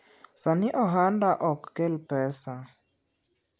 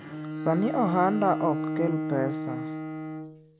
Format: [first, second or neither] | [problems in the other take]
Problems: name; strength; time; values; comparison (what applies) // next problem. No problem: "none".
first | background sound (Bowed string instrument); 4 dB below the speech